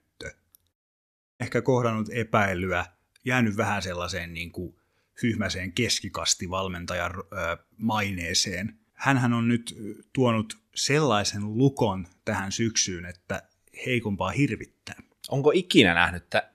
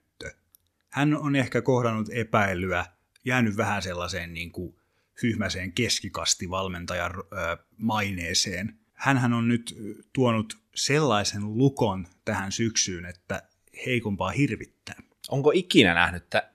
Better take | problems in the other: second | audio cutting out; at 0.5 s for 0.5 s

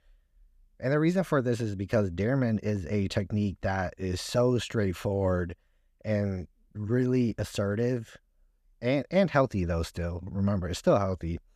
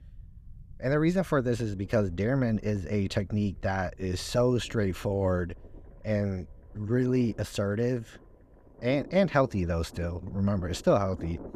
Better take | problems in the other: first | low rumble; faint; throughout; 25 dB below the speech

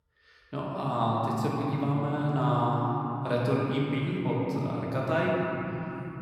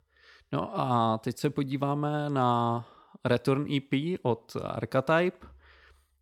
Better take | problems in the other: second | room echo; noticeable; dies away in 3 s // off-mic speech; far

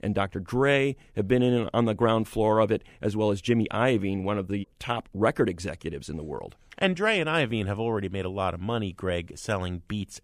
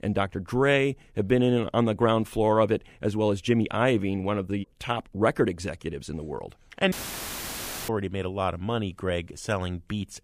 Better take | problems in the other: first | audio cutting out; filled with static; at 7 s for 1 s

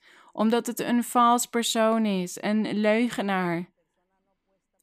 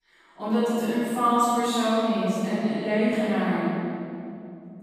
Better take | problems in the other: first | off-mic speech; far // room echo; strong; dies away in 2.7 s

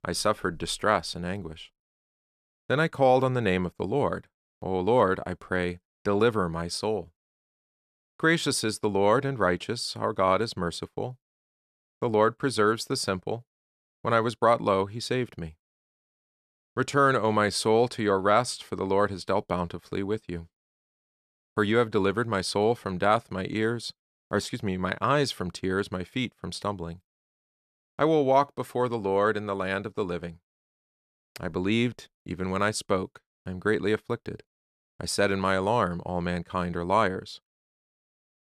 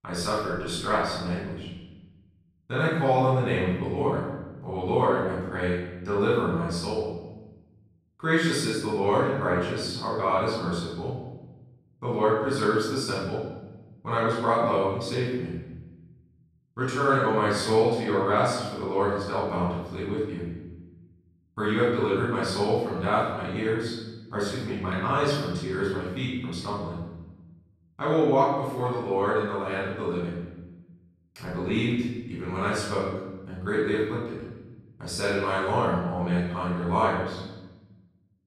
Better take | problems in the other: first | off-mic speech; far // room echo; strong; dies away in 1.1 s

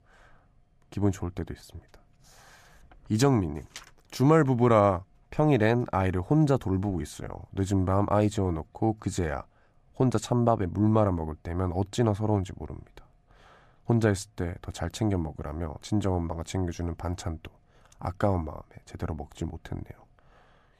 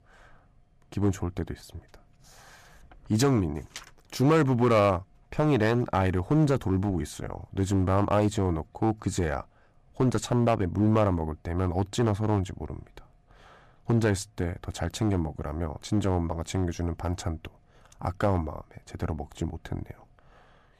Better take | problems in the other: first | distortion; slight; 3% of the sound clipped

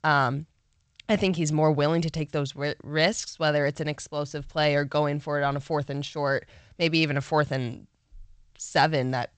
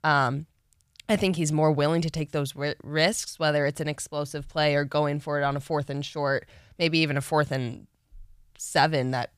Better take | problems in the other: second | garbled, watery; slightly; nothing above 7.5 kHz

